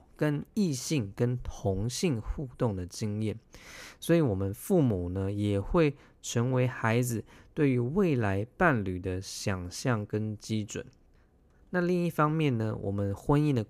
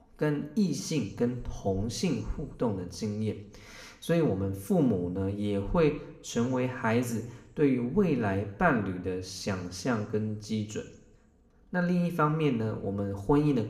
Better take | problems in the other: first | room echo; very slight; dies away in 0.7 s

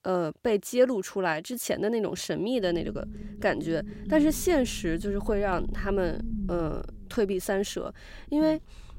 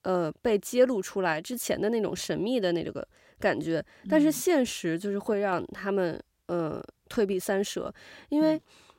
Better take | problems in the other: second | low rumble; noticeable; from 2.5 s on; 20 dB below the speech

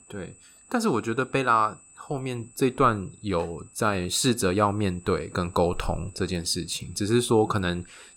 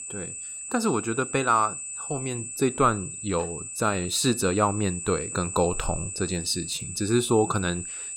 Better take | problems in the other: first | high-pitched whine; loud; throughout; 8 kHz, 7 dB below the speech; faint in the first

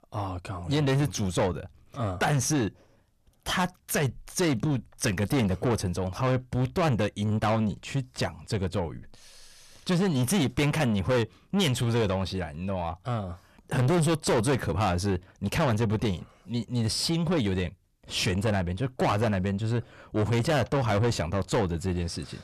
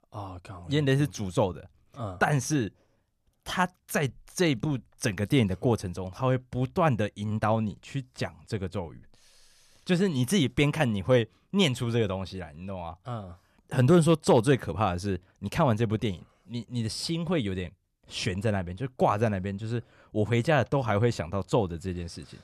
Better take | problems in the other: second | distortion; heavy; 6 dB below the speech

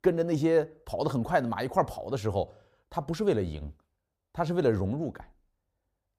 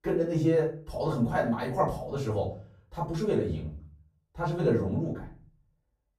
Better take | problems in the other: first | room echo; slight; dies away in 0.4 s // off-mic speech; far

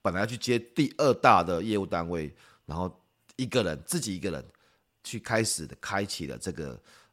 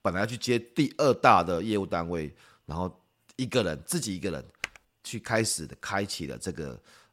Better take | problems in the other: first | keyboard typing; very faint; at 4.5 s; peak 10 dB below the speech

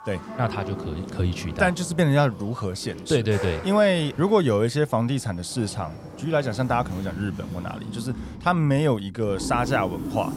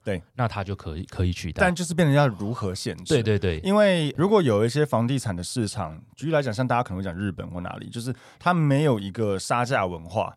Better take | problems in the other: second | household noises; noticeable; throughout; 10 dB below the speech

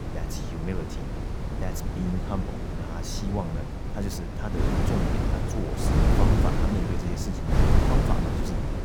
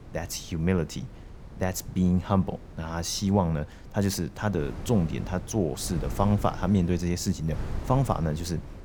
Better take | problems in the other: second | wind noise on the microphone; heavy; 4 dB above the speech; occasional gusts in the second

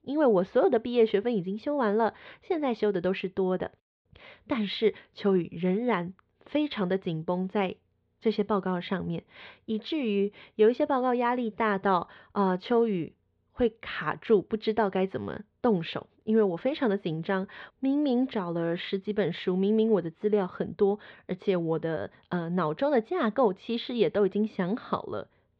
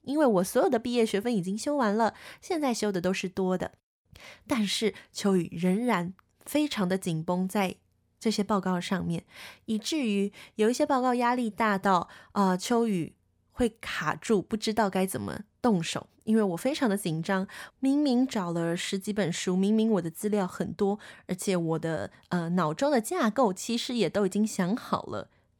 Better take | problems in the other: second | muffled; slightly; fading above 3.5 kHz

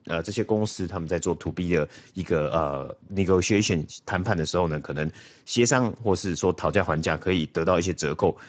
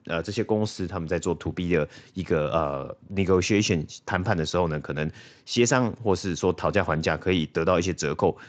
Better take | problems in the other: second | garbled, watery; badly; nothing above 7.5 kHz; slightly in the second

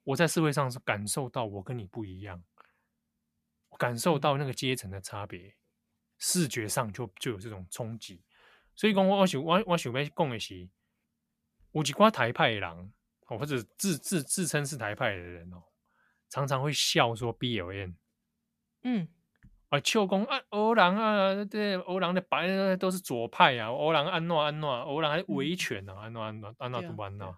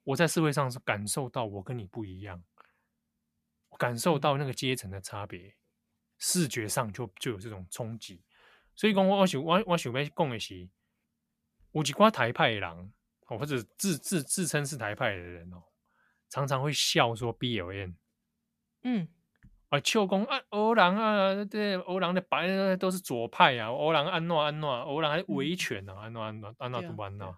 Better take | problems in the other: neither | none

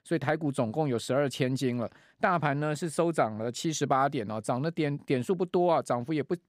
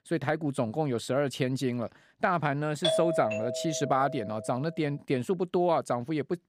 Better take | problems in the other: first | doorbell; loud; from 3 to 4.5 s; peak 2 dB above the speech

